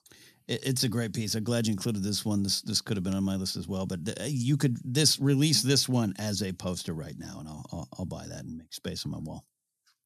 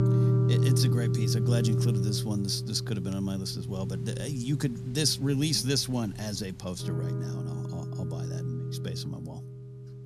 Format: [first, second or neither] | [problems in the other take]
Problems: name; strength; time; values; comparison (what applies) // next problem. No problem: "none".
first | background music; very loud; throughout; 1 dB above the speech